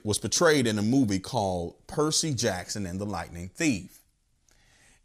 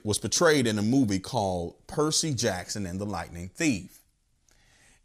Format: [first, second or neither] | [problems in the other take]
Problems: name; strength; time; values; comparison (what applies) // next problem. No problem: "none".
neither | none